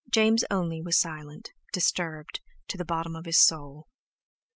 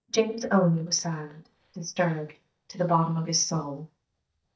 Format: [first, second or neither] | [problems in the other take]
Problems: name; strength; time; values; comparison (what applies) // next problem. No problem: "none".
first | noise reduction (neural mask model DeepFilterNet 3)